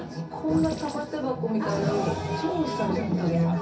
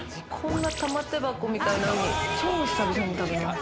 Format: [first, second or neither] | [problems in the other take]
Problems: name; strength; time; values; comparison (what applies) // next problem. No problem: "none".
second | background sound (Thump, thud); 15 dB below the speech // room echo; dies away in 0.3 s